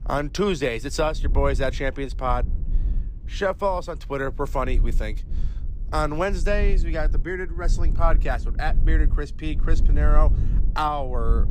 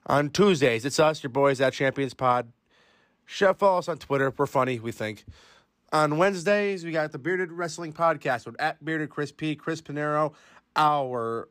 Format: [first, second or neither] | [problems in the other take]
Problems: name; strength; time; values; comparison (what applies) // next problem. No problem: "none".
second | wind noise on the microphone; occasional gusts; 20 dB below the speech